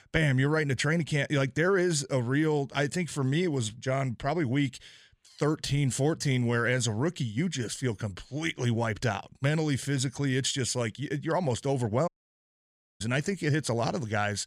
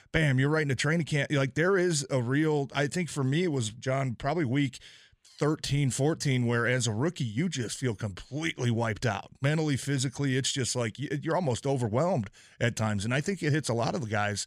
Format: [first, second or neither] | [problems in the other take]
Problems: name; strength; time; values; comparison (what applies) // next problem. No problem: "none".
second | audio cutting out; at 12 s for 1 s